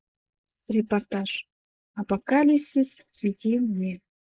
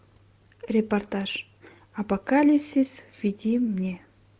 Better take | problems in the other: second | noise reduction (neural mask model Resemble Enhance denoiser)

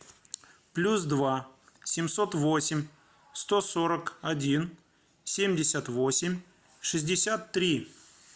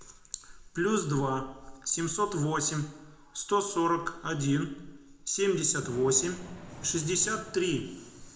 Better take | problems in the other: first | background sound (Thunder / Rain); 18 dB below the speech // room echo; dies away in 0.6 s

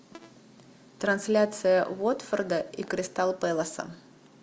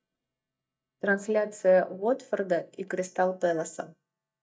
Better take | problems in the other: first | noise reduction (neural mask model DeepFilterNet 3)

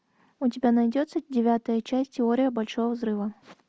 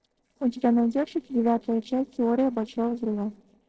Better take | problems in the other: first | noise reduction (neural separator model SepFormer DNS4)

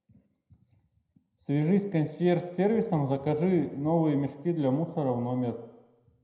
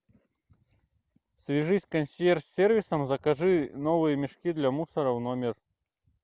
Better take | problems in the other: second | room echo; dies away in 0.7 s

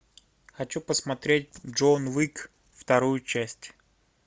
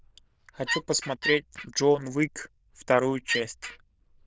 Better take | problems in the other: first | noise reduction (neural diffusion model UNIVERSE++)

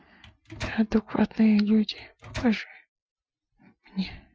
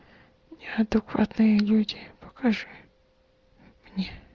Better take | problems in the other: second | noise reduction (classical method Wiener filter)

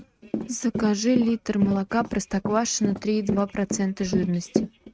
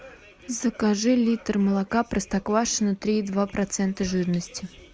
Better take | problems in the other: second | noise reduction (neural mask model RNNoise)

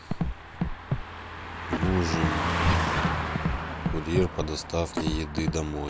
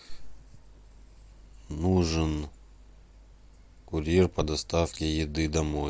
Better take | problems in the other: second | background sound (Scratching (performance technique) + Car passing by); 2 dB above the speech

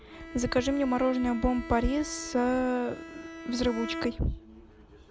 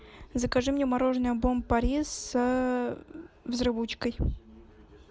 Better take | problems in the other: second | background sound (Bowed string instrument); 13 dB below the speech

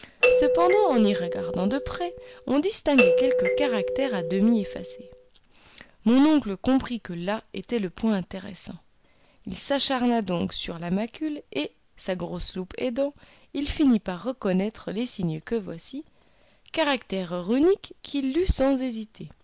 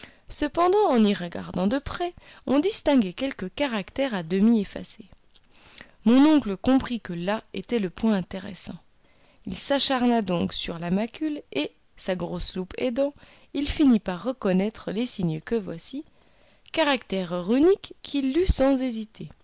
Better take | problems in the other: second | background sound (Doorbell); 1 dB above the speech

